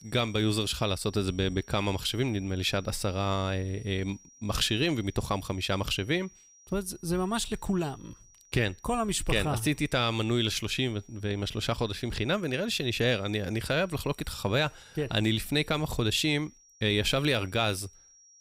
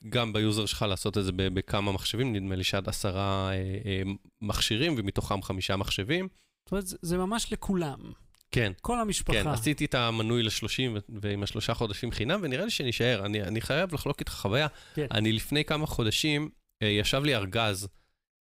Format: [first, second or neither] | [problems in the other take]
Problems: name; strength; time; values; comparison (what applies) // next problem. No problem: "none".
second | high-pitched whine; faint; throughout; 5.5 kHz, 25 dB below the speech